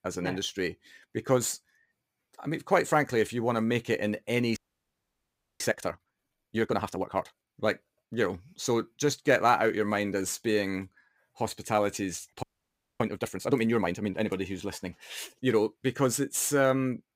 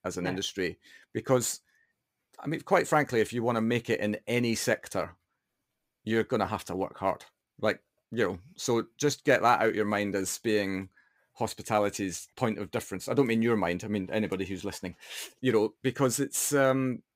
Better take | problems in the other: second | audio freezing; at 4.5 s for 1 s and at 12 s for 0.5 s

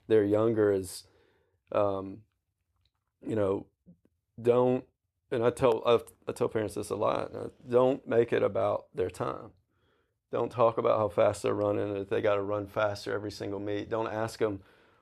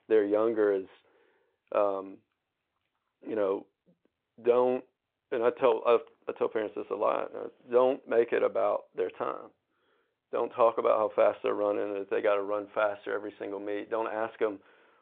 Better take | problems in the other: first | phone-call audio; nothing above 3.5 kHz

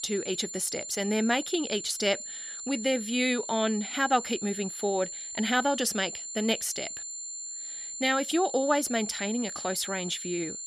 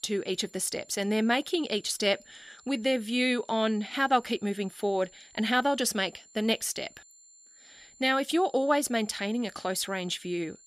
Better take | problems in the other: second | high-pitched whine; loud; throughout; 7 kHz, 7 dB below the speech; faint in the second

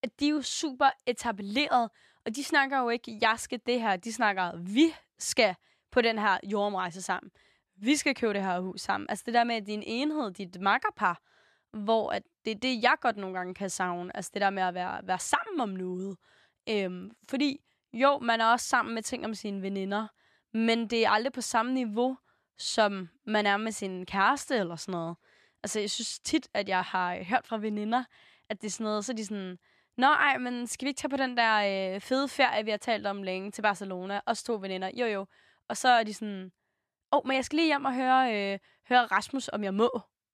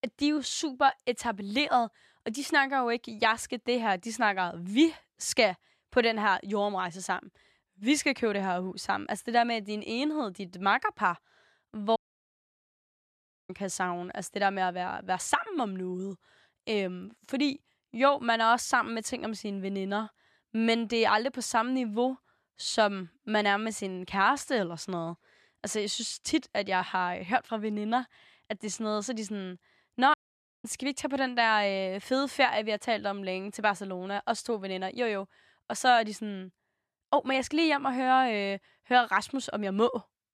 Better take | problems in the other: first | audio cutting out; at 12 s for 1.5 s and at 30 s for 0.5 s

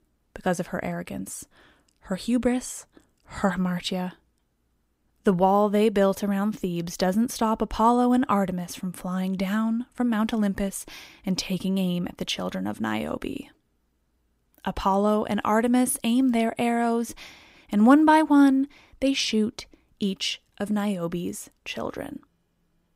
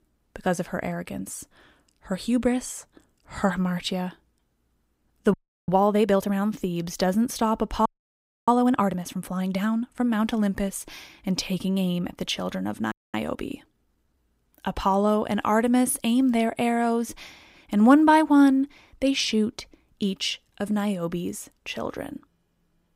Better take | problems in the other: first | audio freezing; at 5.5 s, at 8 s for 0.5 s and at 13 s

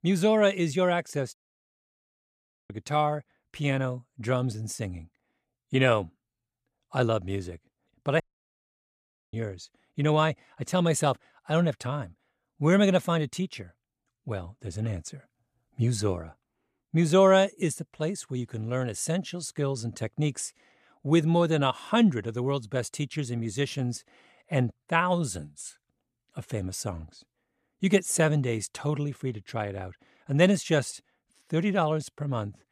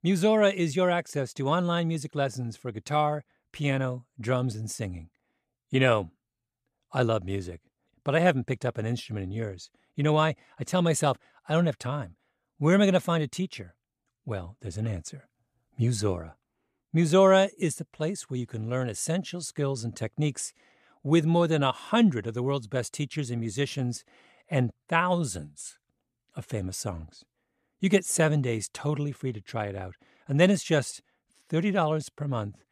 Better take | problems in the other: second | audio cutting out; at 1.5 s for 1.5 s and at 8 s for 1 s

